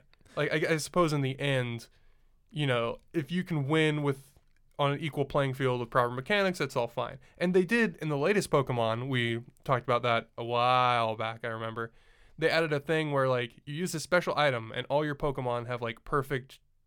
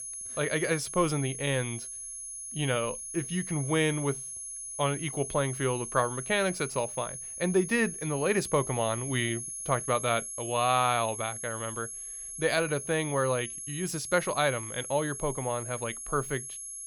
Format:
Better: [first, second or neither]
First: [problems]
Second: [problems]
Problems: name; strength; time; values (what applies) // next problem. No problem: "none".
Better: first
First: none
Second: high-pitched whine; loud; throughout; 11 kHz, 7 dB below the speech